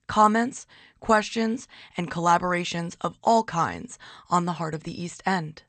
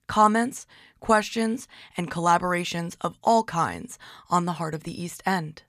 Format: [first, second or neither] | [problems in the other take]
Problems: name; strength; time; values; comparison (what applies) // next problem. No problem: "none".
second | garbled, watery; slightly; nothing above 8.5 kHz